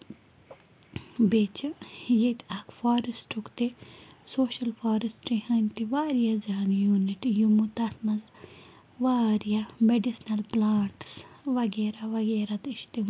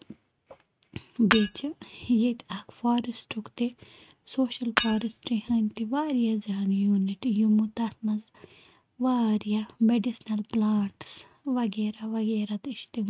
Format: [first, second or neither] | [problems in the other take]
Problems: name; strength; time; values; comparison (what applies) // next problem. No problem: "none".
first | noise reduction (neural mask model RNNoise)